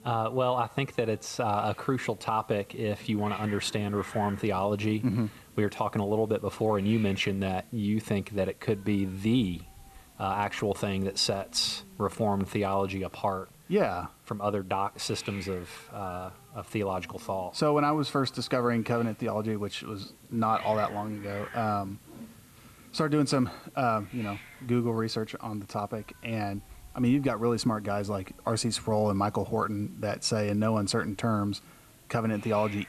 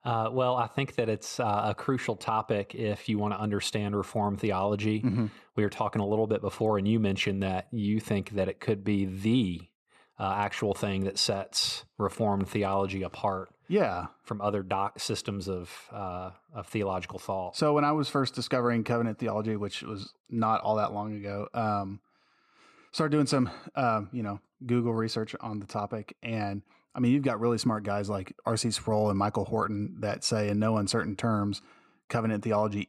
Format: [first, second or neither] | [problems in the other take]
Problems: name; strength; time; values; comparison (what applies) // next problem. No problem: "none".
second | hiss; faint; throughout; 20 dB below the speech